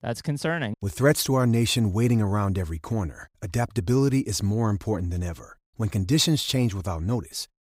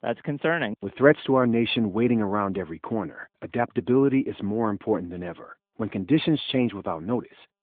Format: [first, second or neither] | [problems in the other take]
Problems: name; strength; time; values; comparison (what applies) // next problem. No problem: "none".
first | phone-call audio; nothing above 3.5 kHz